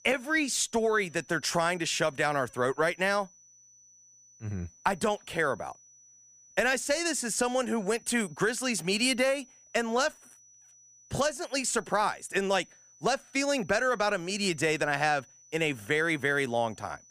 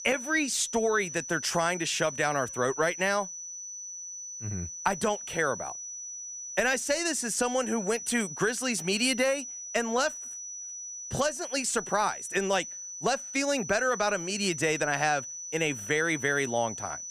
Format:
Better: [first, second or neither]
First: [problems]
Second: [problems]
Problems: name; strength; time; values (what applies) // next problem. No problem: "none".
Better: first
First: high-pitched whine; faint; throughout; 6 kHz, 25 dB below the speech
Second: high-pitched whine; loud; throughout; 6 kHz, 9 dB below the speech